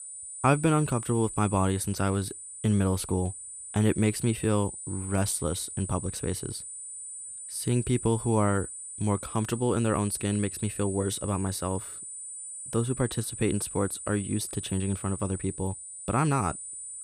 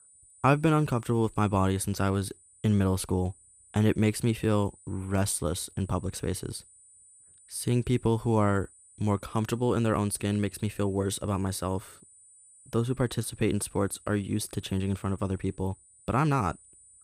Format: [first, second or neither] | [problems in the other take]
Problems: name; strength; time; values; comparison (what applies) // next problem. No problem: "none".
second | high-pitched whine; loud; throughout; 9 kHz, 9 dB below the speech; faint in the second